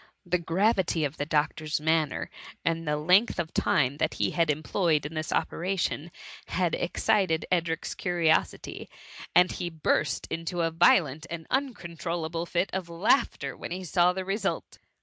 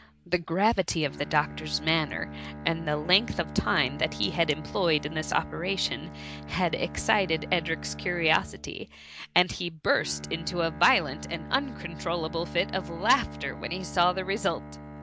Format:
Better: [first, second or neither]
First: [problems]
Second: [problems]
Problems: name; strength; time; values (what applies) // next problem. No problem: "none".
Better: first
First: none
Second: background sound (Bowed string instrument); 12 dB below the speech